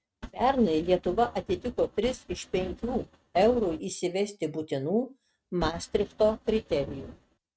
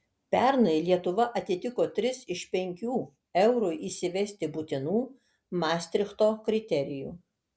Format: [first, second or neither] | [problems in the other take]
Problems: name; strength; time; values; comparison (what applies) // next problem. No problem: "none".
second | noise reduction (neural mask model RNNoise)